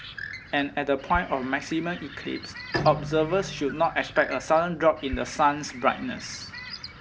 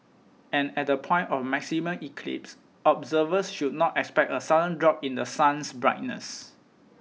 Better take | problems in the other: second | background sound (Bird + Bowed string instrument); 11 dB below the speech

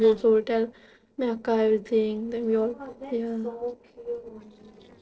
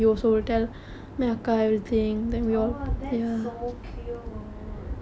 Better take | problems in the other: second | noise reduction (neural separator model SepFormer DNS4)

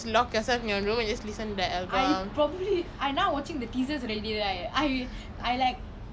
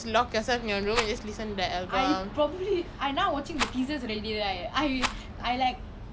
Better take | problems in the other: first | background sound (Rattle); 7 dB below the speech

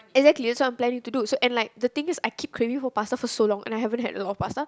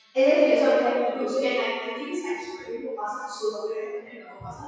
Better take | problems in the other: first | noise reduction (classical method WPE with log-MMSE)

